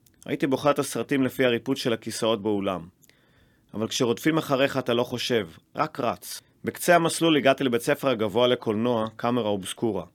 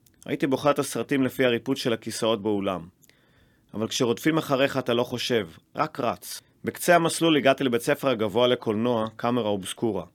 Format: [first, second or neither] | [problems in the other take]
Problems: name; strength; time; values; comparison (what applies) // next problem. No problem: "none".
neither | none